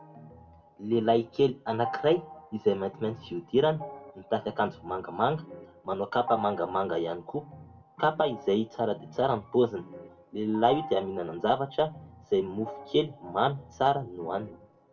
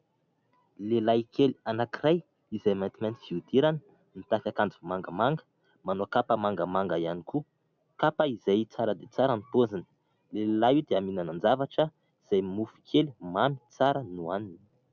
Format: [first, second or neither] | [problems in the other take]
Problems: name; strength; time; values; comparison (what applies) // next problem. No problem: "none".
second | background sound (Organ); 15 dB below the speech // room echo; dies away in 0.2 s